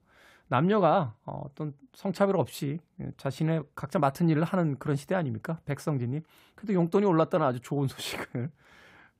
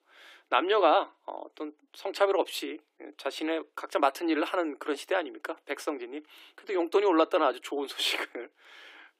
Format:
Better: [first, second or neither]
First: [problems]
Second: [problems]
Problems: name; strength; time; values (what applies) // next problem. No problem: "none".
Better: first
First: none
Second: thin; very; fading below 300 Hz